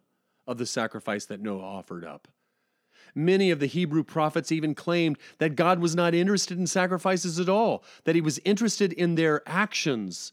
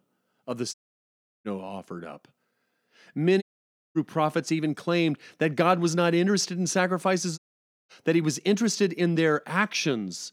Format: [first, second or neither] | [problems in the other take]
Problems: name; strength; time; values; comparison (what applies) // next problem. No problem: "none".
first | audio cutting out; at 0.5 s for 0.5 s, at 3.5 s for 0.5 s and at 7.5 s for 0.5 s